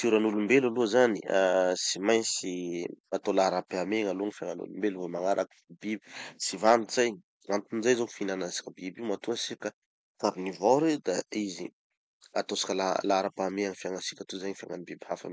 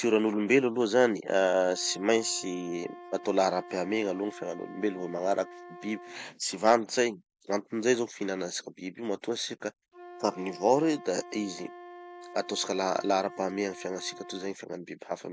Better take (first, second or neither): first